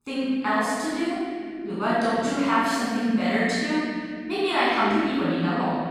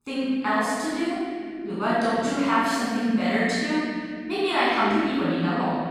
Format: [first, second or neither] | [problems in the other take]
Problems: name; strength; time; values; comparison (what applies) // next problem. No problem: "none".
neither | off-mic speech; far; the same in both // room echo; strong; dies away in 2.6 s; the same in both